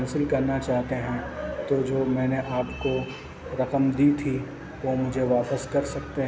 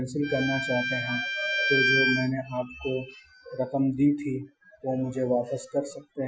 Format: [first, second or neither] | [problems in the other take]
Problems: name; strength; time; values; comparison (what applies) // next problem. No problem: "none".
first | noise reduction (classical method Wiener filter)